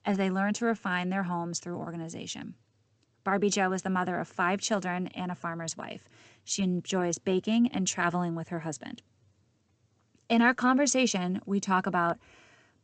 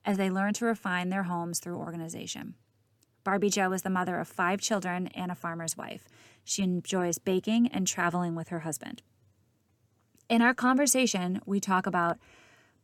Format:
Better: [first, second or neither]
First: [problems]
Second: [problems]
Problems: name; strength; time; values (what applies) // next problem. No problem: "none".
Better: second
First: garbled, watery; slightly; nothing above 8 kHz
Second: none